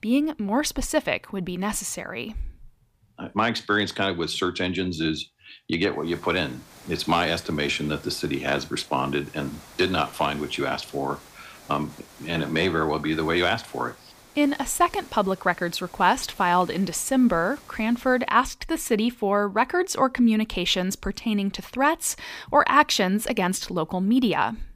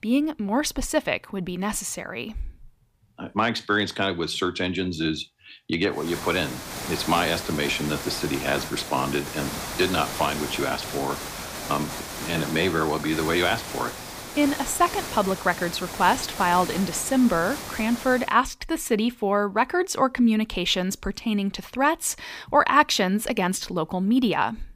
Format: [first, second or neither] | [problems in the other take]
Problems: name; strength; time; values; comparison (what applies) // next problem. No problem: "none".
first | hiss; loud; from 6 to 18 s; 9 dB below the speech; faint in the first